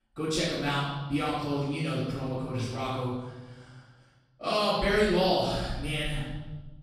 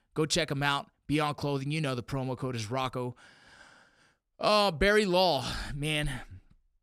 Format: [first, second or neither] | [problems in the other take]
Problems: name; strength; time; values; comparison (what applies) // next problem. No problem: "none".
second | room echo; strong; dies away in 1.2 s // off-mic speech; far